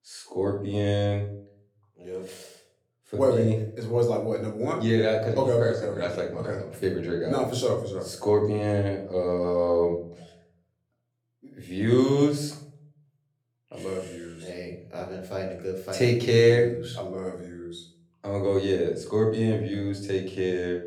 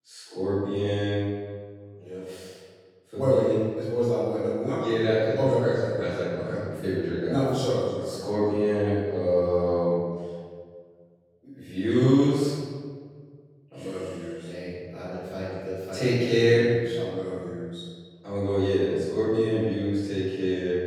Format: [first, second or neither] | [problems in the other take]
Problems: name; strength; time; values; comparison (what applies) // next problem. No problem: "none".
first | room echo; strong; dies away in 1.5 s; slight in the first // off-mic speech; far; somewhat distant in the first